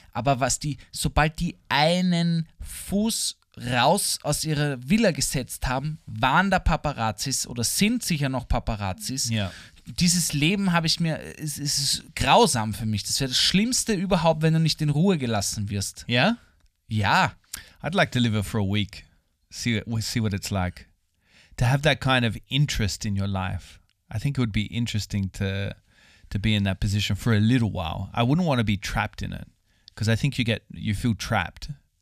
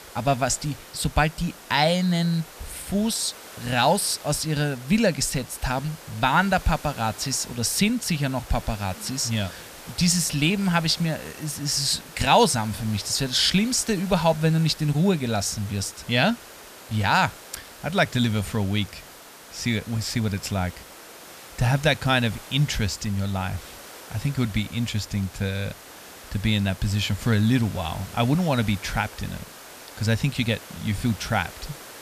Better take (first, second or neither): first